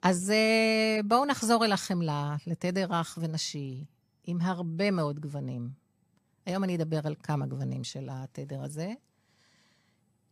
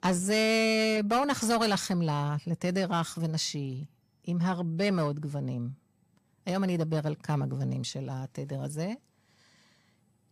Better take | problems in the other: first | distortion; slight; 10 dB below the speech

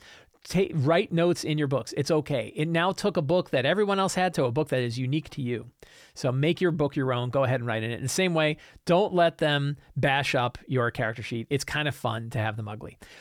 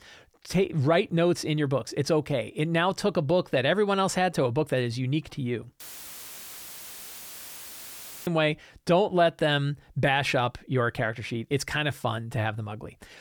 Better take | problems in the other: first | audio cutting out; filled with static; at 6 s for 2.5 s

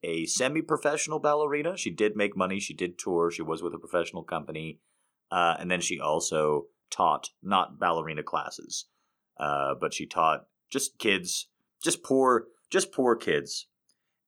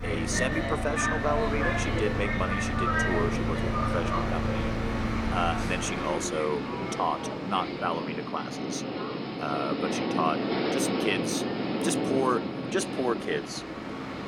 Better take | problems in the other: first | train or aircraft noise; very loud; throughout; 2 dB above the speech

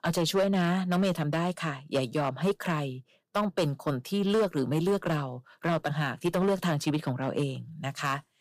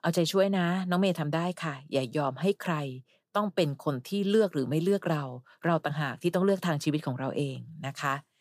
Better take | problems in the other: second | distortion; slight; 7% of the sound clipped

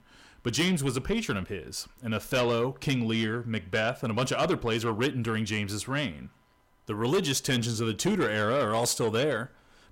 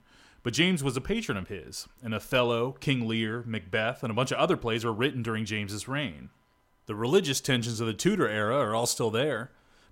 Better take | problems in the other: second | distortion; slight; 10 dB below the speech

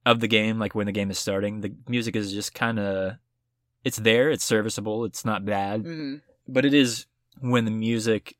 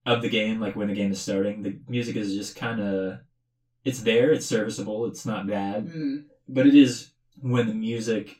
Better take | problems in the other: first | room echo; very slight; dies away in 0.2 s // off-mic speech; far

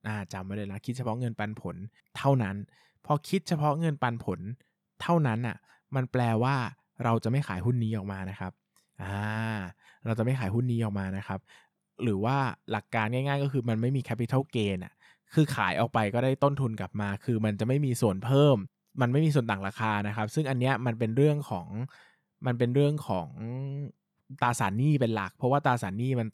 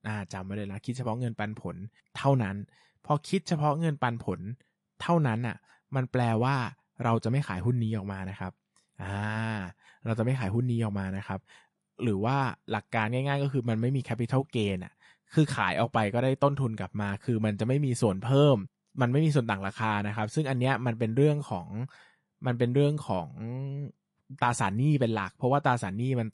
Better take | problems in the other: first | garbled, watery; slightly; nothing above 11 kHz

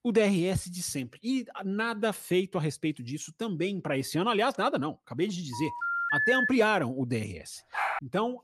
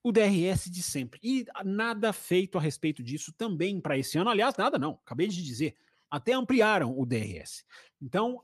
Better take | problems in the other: second | phone ringing; loud; at 5.5 s; peak 5 dB above the speech // dog barking; noticeable; at 7.5 s; peak 1 dB below the speech

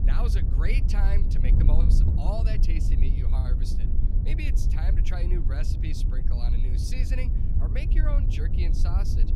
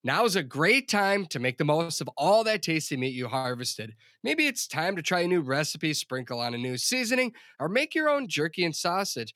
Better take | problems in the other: second | wind noise on the microphone; heavy; 3 dB below the speech

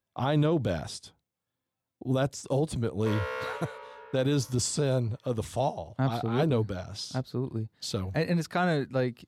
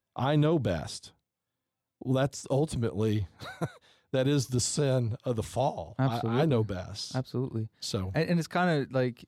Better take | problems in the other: second | alarm; noticeable; from 3 to 4.5 s; peak 5 dB below the speech

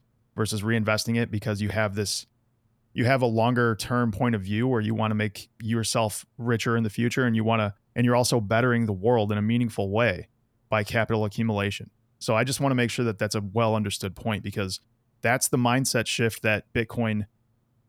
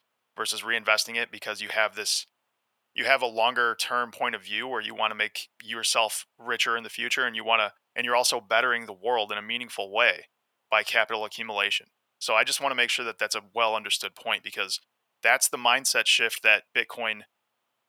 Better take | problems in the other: first | thin; very; fading below 800 Hz

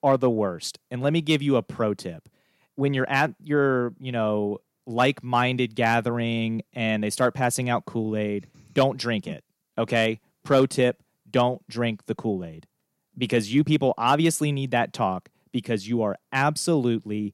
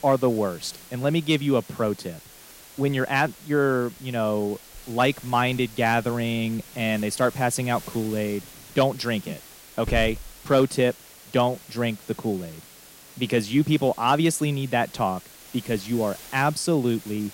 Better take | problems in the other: first | hiss; noticeable; throughout; 20 dB below the speech

